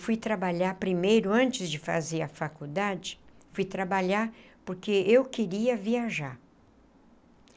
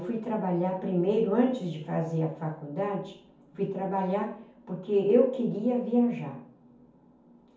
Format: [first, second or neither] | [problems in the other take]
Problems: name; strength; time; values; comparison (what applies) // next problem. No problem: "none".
first | room echo; dies away in 0.6 s